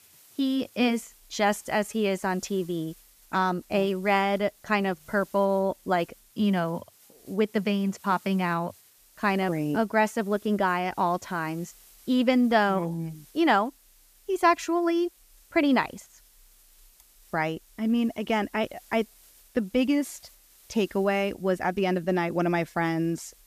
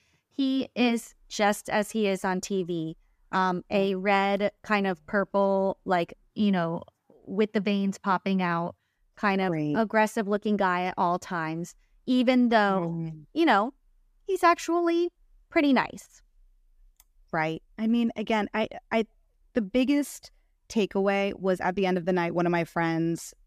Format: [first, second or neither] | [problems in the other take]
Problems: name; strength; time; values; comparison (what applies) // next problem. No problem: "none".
second | hiss; faint; throughout; 25 dB below the speech